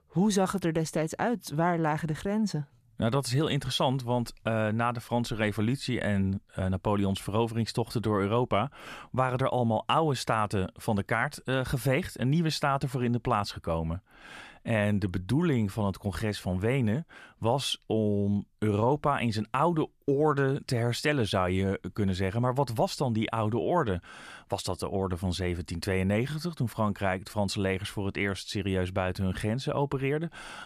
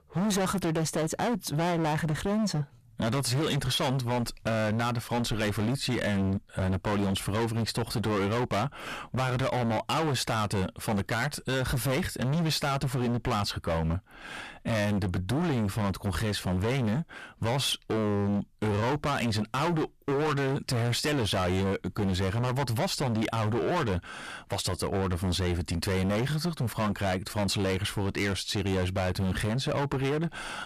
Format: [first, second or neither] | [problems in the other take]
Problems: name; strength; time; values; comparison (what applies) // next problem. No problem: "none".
first | distortion; heavy; 29% of the sound clipped